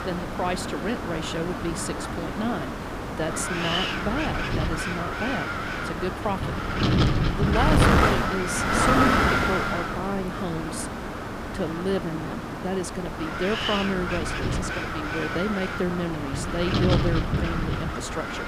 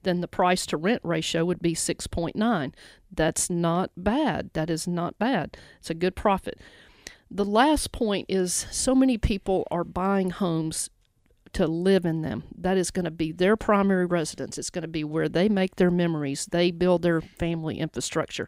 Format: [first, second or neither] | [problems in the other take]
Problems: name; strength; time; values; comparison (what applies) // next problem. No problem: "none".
second | wind noise on the microphone; heavy; 5 dB above the speech